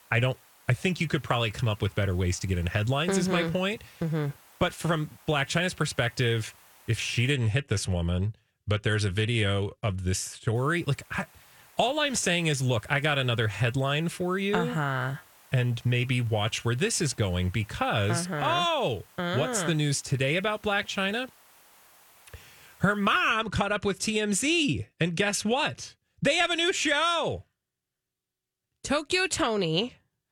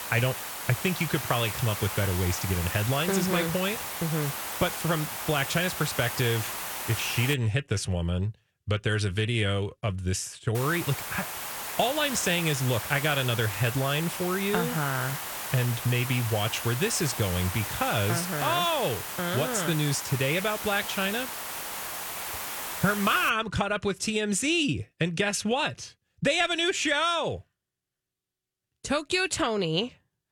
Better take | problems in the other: first | hiss; loud; until 7.5 s and from 11 to 23 s; 6 dB below the speech; faint in the first

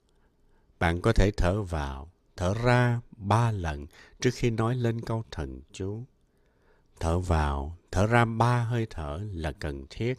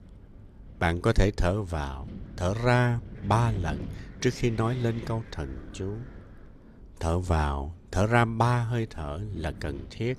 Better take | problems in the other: first | wind noise on the microphone; occasional gusts; 20 dB below the speech

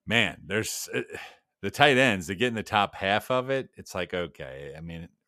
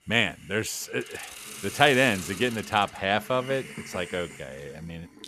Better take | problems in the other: first | hiss; noticeable; throughout; 15 dB below the speech

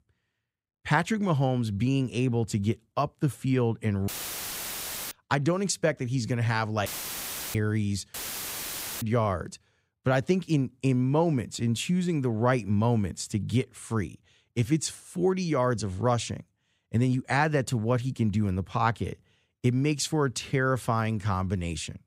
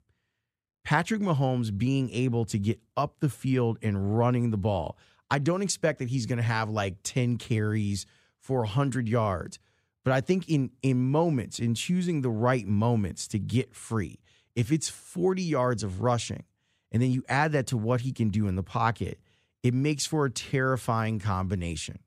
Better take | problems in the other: second | audio cutting out; filled with static; at 4 s for 1 s, at 7 s for 0.5 s and at 8 s for 1 s

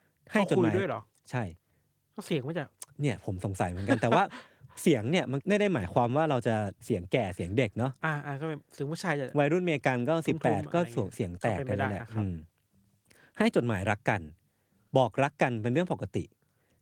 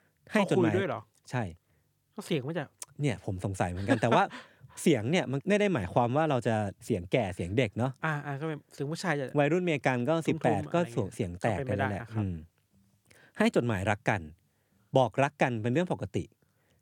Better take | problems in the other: second | garbled, watery; slightly; nothing above 18.5 kHz

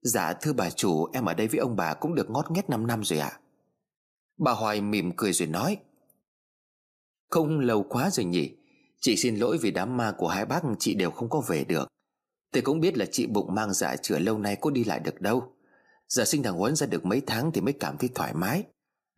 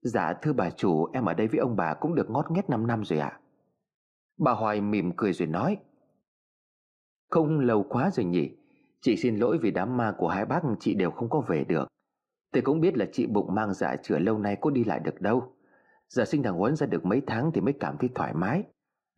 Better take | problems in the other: first | muffled; very; fading above 2 kHz

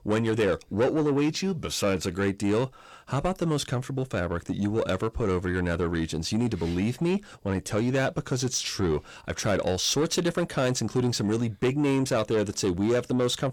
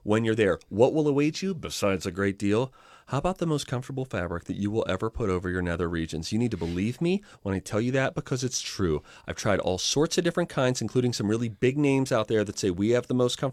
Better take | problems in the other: second | distortion; slight; 10 dB below the speech

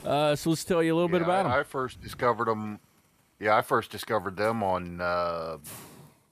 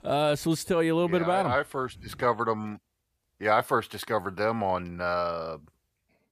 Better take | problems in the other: second | hiss; faint; throughout; 25 dB below the speech

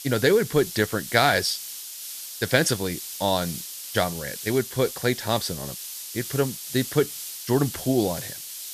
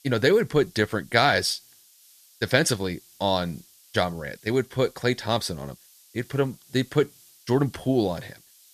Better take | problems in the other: second | hiss; loud; throughout; 9 dB below the speech; faint in the second

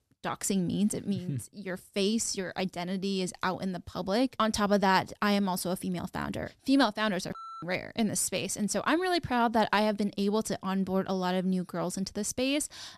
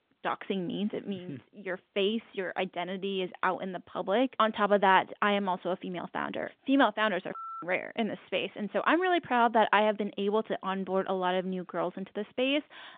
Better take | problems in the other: first | phone-call audio; nothing above 3.5 kHz

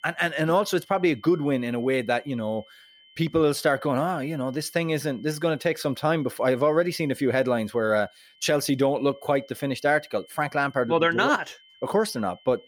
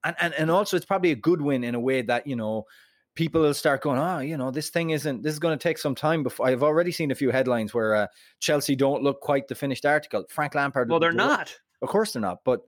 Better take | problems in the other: second | high-pitched whine; faint; throughout; 3 kHz, 30 dB below the speech

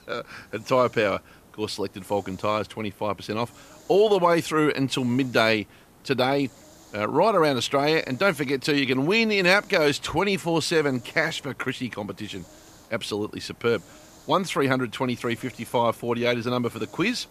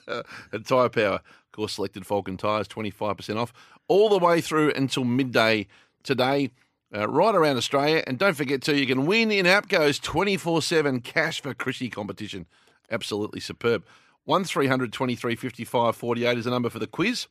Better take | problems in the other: second | hiss; faint; throughout; 25 dB below the speech

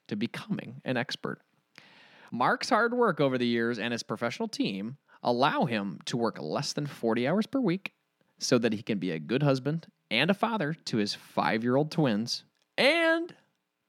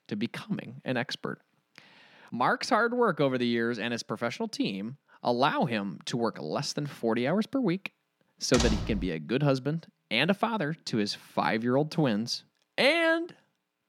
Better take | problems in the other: first | door banging; noticeable; at 8.5 s; peak 1 dB below the speech

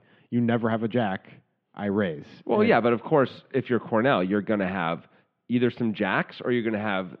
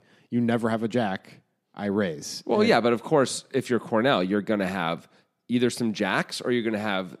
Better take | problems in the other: second | muffled; very; fading above 3 kHz

